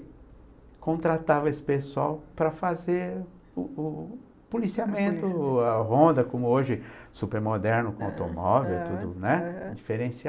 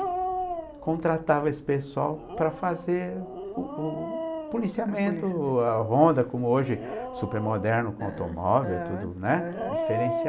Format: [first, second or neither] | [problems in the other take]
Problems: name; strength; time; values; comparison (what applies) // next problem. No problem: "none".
first | background sound (Dog); 8 dB below the speech